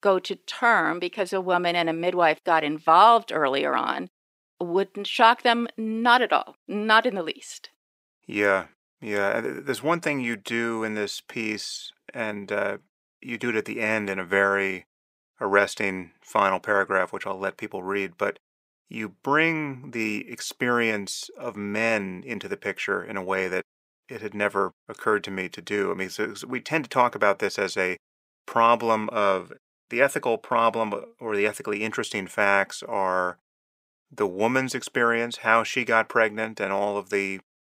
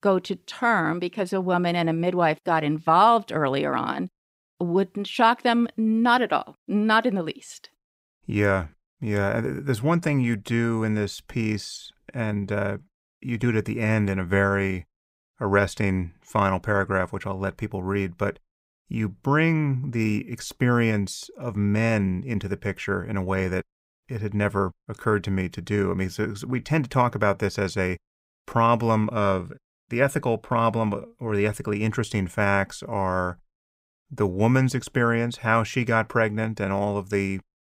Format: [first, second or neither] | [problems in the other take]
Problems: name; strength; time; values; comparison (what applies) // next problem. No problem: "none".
second | thin; somewhat; fading below 350 Hz